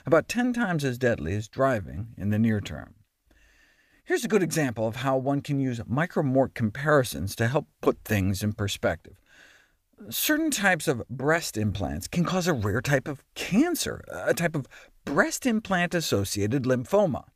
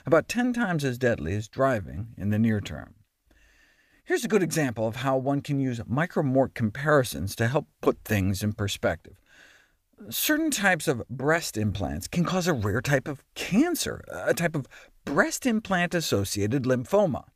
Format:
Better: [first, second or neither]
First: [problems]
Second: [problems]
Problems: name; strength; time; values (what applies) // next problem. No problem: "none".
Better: neither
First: none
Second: none